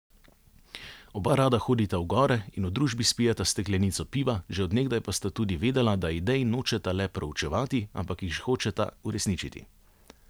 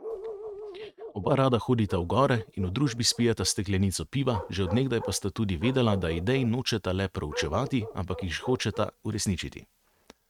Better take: first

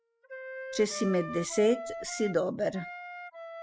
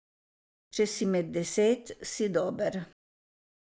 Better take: second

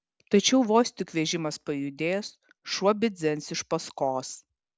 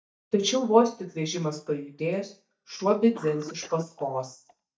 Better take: first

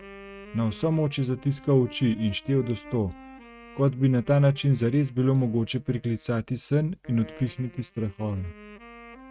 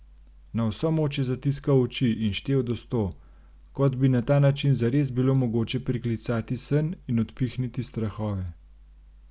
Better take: second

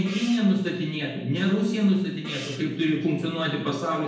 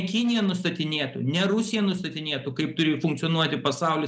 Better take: second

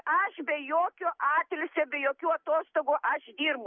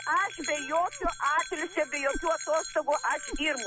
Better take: first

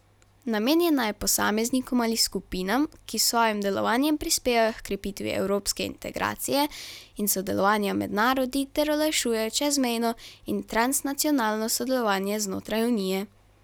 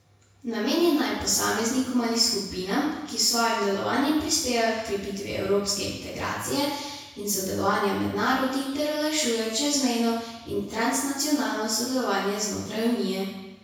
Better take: first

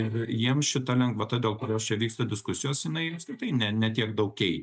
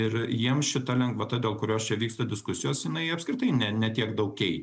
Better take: second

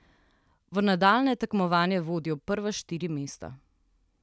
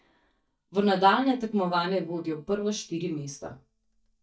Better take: first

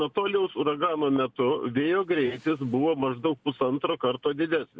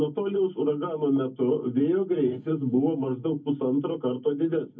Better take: first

